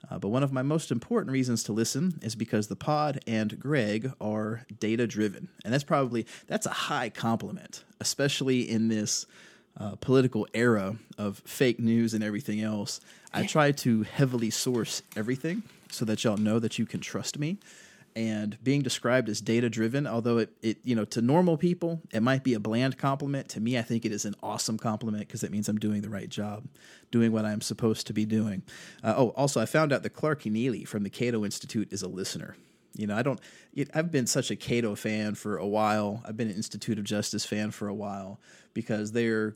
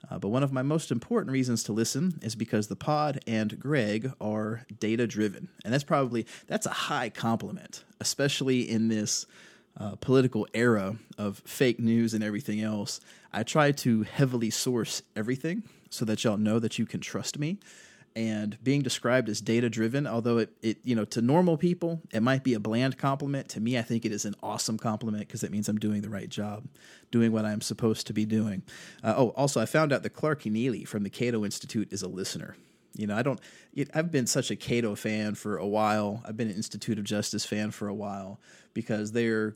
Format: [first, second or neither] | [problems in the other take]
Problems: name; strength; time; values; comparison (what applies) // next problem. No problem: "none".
second | dog barking; noticeable; from 13 to 16 s; peak 7 dB below the speech